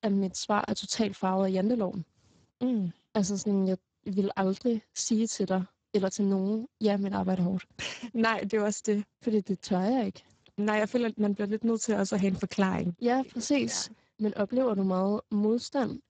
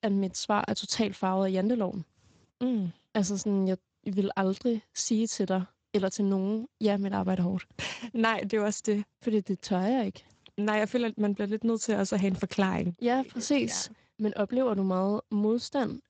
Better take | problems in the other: second | garbled, watery; badly; nothing above 7.5 kHz; slightly in the second

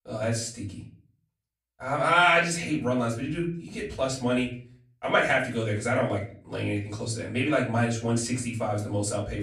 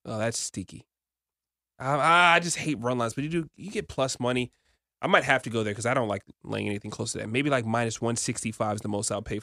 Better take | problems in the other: second | room echo; slight; dies away in 0.4 s // off-mic speech; far

